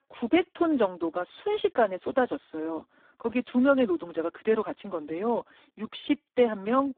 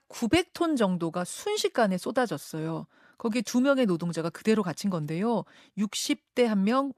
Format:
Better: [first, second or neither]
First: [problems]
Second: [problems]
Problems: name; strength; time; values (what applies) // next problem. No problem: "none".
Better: second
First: phone-call audio; poor line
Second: none